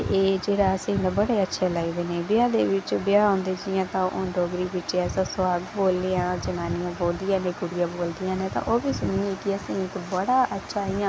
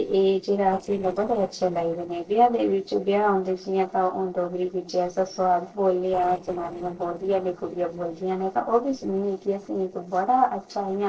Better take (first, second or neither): first